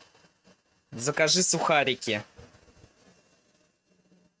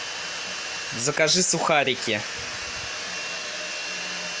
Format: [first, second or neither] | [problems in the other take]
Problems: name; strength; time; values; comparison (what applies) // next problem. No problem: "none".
second | noise reduction (neural mask model RNNoise)